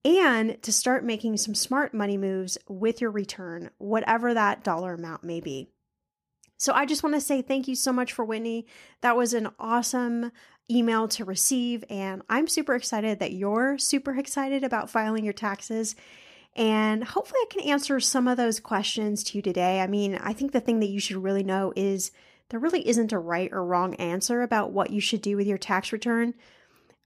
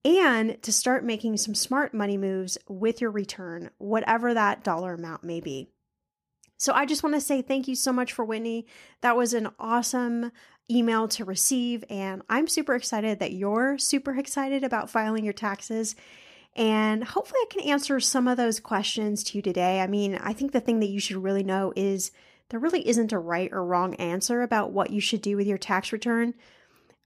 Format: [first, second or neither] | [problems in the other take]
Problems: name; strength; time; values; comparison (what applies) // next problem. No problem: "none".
neither | none